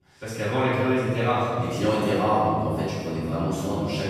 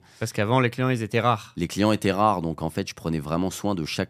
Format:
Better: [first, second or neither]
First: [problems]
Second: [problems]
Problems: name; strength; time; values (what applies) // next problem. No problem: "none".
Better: second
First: off-mic speech; far // room echo; strong; dies away in 2.3 s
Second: none